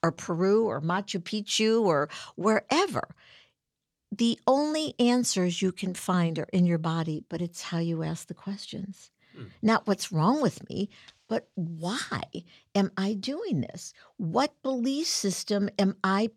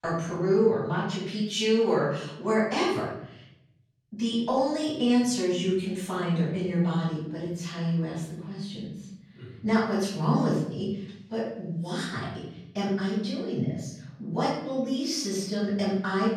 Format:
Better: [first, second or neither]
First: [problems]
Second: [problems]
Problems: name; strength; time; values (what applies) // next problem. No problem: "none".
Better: first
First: none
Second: off-mic speech; far // room echo; noticeable; dies away in 0.9 s